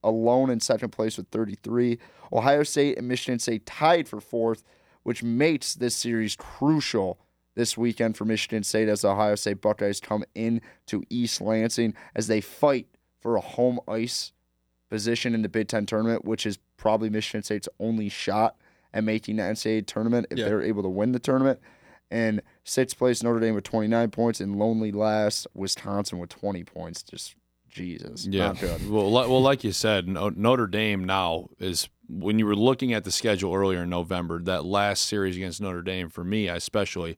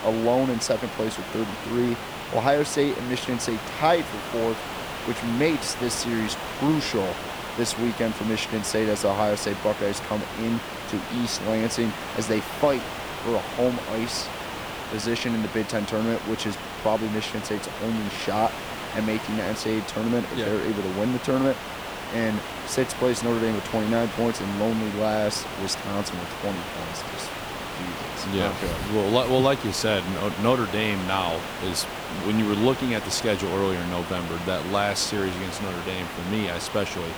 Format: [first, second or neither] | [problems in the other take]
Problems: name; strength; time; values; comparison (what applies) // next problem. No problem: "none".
first | hiss; loud; throughout; 7 dB below the speech